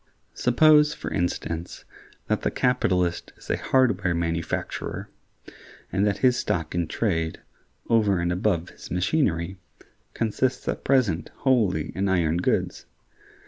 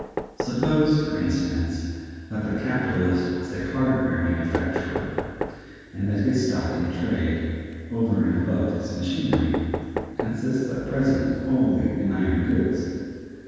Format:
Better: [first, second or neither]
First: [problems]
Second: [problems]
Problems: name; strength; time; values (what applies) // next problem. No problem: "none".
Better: first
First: none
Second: background sound (Knock); 12 dB below the speech // room echo; dies away in 2.1 s